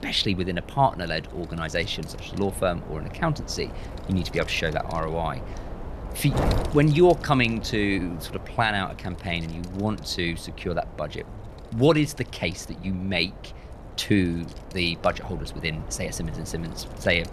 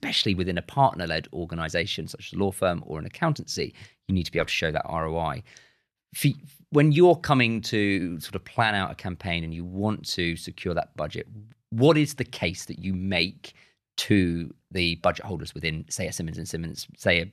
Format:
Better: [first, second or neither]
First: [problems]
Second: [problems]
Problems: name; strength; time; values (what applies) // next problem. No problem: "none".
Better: second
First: wind noise on the microphone; occasional gusts; 15 dB below the speech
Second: none